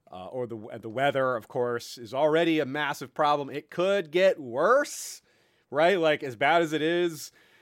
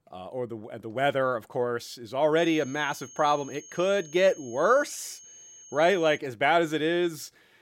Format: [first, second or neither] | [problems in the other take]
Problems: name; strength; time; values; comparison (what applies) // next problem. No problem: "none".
first | high-pitched whine; noticeable; from 2.5 to 6 s; 6.5 kHz, 20 dB below the speech